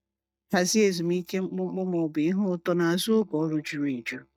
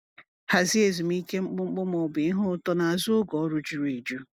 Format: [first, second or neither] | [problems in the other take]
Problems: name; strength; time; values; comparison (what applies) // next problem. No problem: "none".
second | noise reduction (neural mask model DeepFilterNet 3)